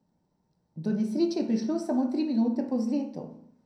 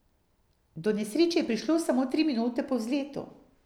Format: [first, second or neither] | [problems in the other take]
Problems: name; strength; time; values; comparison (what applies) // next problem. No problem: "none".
second | room echo; dies away in 0.6 s